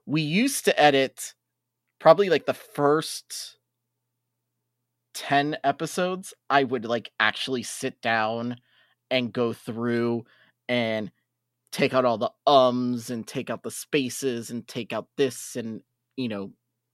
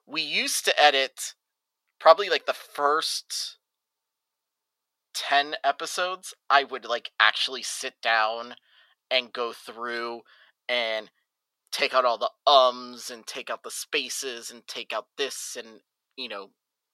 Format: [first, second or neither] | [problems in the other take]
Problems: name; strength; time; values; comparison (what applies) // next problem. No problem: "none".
first | thin; very; fading below 650 Hz